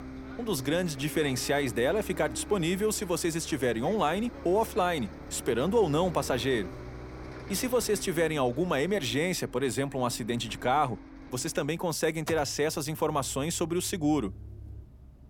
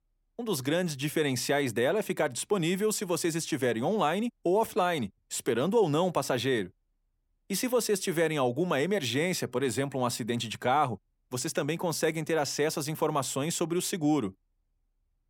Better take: second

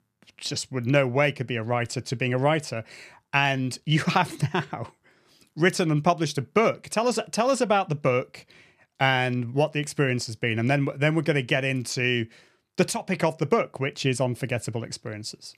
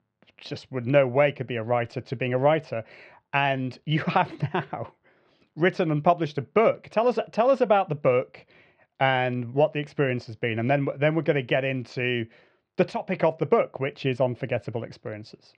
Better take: first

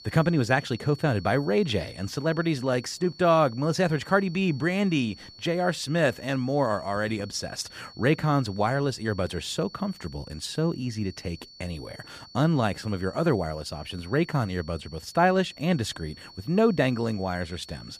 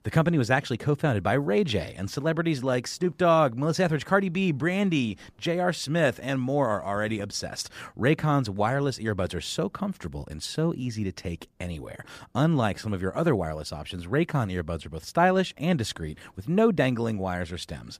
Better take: second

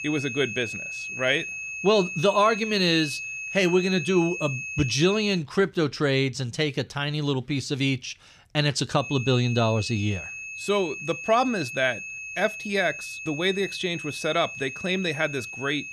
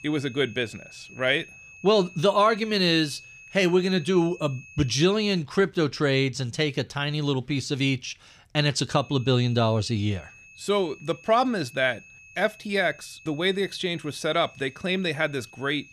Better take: second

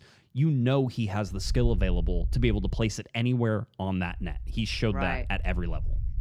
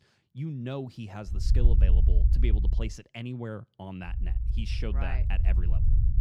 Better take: first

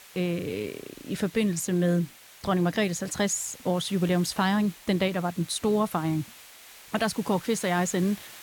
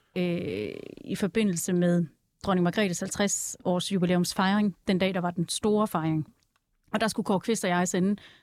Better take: second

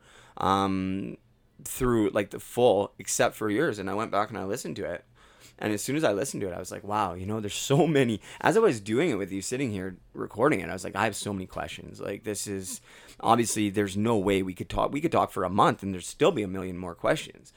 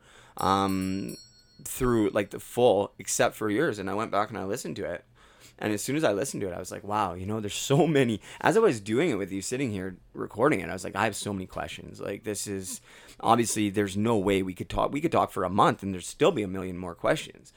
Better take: first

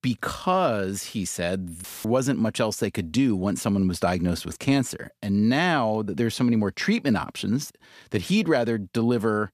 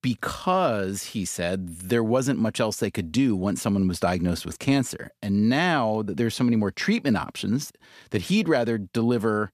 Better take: second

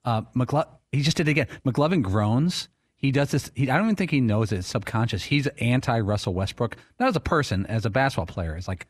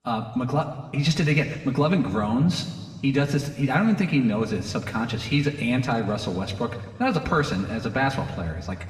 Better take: first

